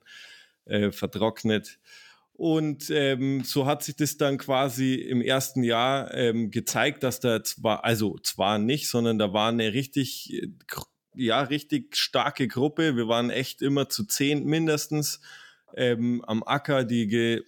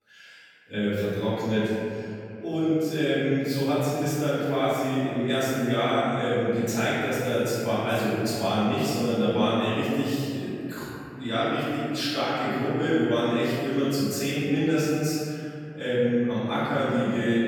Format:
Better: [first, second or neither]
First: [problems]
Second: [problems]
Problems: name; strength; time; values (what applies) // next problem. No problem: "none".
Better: first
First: none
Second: off-mic speech; far // room echo; strong; dies away in 2.6 s